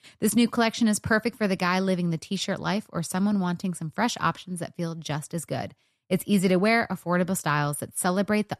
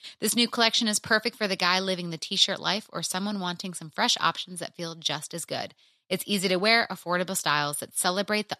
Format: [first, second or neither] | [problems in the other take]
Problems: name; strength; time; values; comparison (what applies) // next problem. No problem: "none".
first | thin; very slightly; fading below 950 Hz